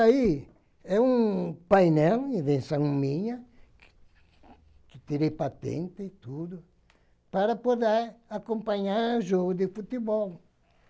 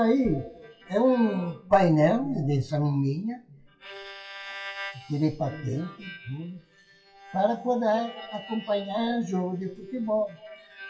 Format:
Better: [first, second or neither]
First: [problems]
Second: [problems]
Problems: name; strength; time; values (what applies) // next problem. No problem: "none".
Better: first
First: none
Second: noise reduction (classical method WPE with log-MMSE)